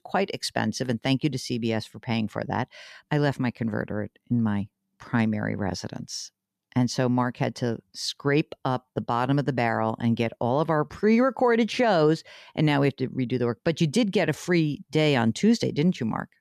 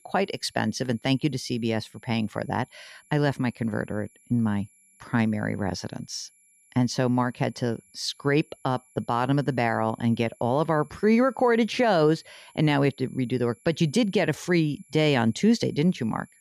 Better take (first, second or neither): first